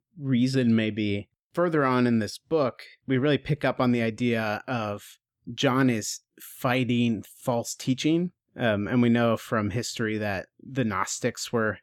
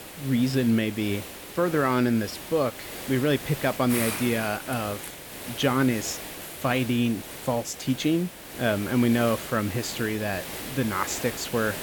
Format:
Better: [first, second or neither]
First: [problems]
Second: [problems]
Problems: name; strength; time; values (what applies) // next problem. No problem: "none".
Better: first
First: none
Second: hiss; loud; throughout; 9 dB below the speech